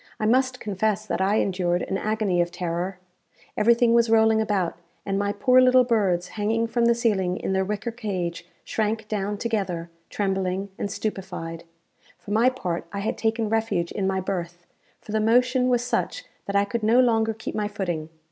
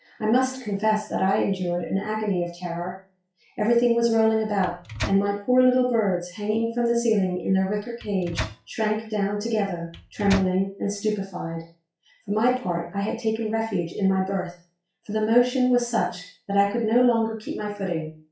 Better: first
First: none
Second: noise reduction (classical method WPE with log-MMSE)

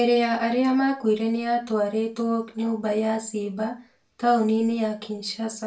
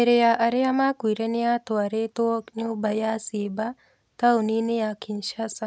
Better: second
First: room echo; dies away in 0.3 s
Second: none

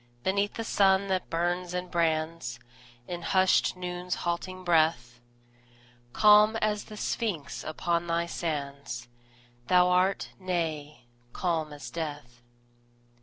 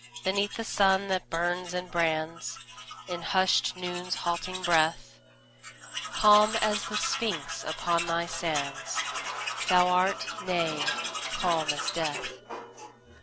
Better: first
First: none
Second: background sound (Tools); 7 dB below the speech

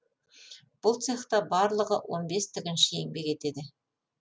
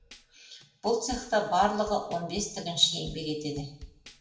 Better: first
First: none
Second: background sound (Drum / Drum kit); 20 dB below the speech // room echo; dies away in 0.7 s

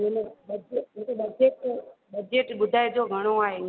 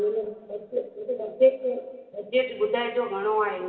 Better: first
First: none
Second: room echo; dies away in 2.9 s

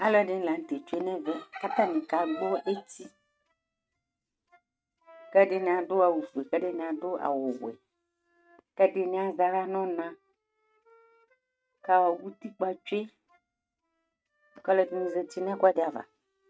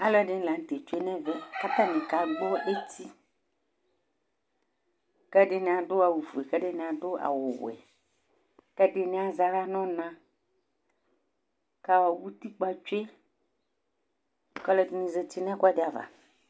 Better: second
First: noise reduction (neural mask model RNNoise)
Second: none

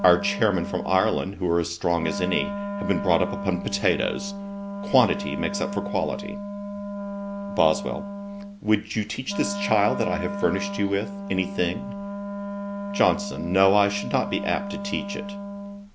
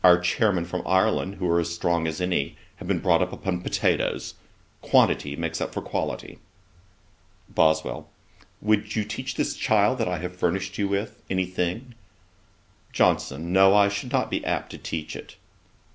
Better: second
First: background sound (Wind instrument, woodwind instrument); 7 dB below the speech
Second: none

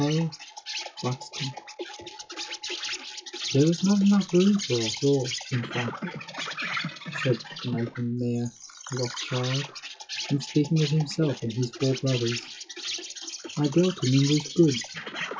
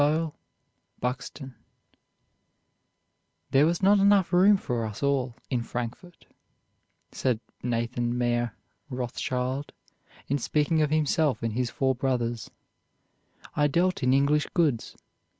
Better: second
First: noise reduction (classical method WPE with log-MMSE)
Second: none

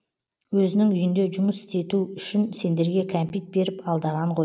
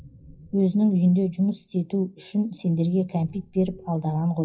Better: first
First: none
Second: noise reduction (classical method WPE with log-MMSE)

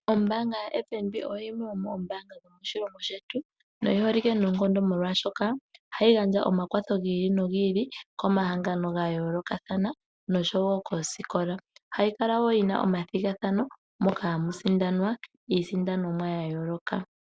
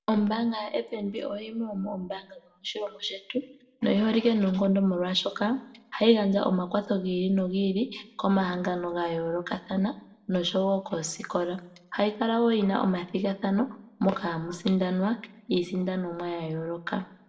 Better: first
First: none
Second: room echo; dies away in 0.6 s

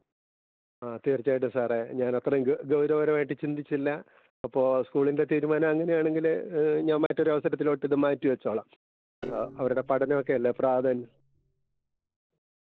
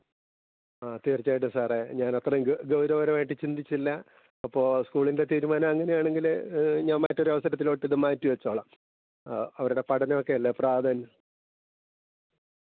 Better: second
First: noise reduction (neural separator model SepFormer DNS4)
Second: none

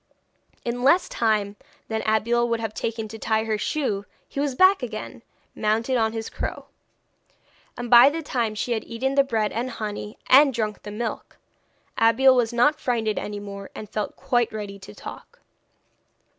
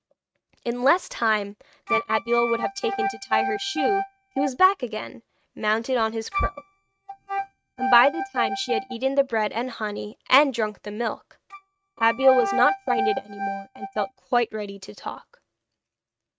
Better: first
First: none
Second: noise reduction (neural mask model RNNoise)

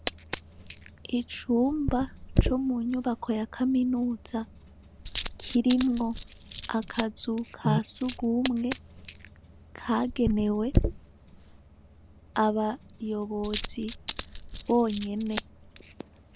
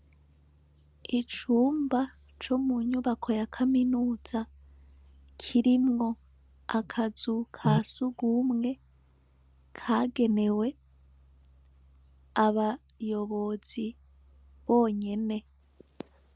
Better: second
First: background sound (Coin (dropping)); 6 dB below the speech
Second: none

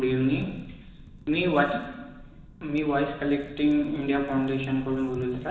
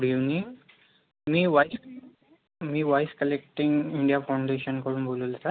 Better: second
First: background sound (Wind / Fire); 18 dB below the speech // room echo; dies away in 1 s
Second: none

